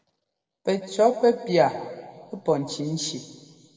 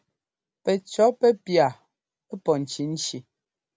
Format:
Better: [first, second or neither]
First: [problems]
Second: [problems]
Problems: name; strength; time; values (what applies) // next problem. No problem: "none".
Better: second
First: room echo; dies away in 1.6 s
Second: none